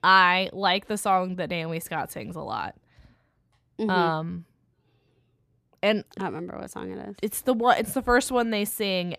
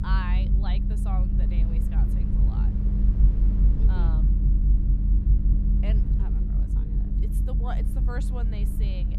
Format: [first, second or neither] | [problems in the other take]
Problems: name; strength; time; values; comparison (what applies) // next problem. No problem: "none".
first | low rumble; loud; throughout; as loud as the speech